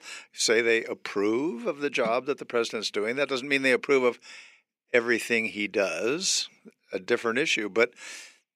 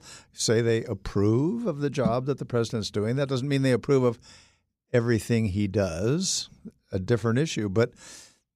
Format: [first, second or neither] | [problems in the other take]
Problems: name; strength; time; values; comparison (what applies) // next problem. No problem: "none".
second | thin; somewhat; fading below 300 Hz